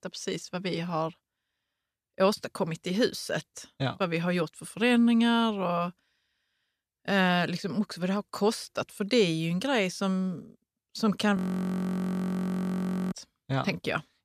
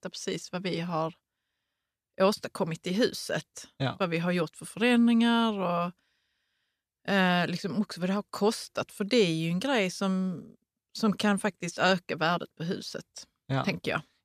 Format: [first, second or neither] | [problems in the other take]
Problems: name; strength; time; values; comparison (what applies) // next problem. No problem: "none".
second | audio freezing; at 11 s for 2 s